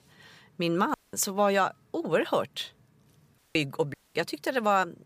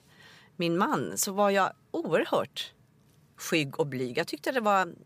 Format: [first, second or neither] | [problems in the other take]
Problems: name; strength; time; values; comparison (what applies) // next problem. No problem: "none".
second | audio cutting out; at 1 s, at 3.5 s and at 4 s